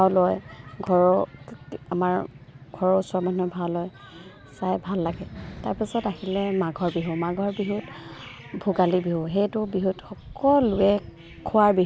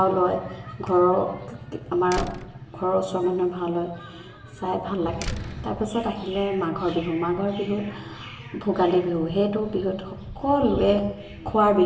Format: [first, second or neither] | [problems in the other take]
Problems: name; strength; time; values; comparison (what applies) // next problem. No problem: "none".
first | background sound (Slam); 11 dB below the speech // room echo; dies away in 0.9 s